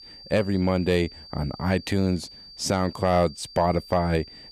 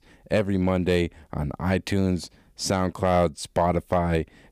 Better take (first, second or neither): second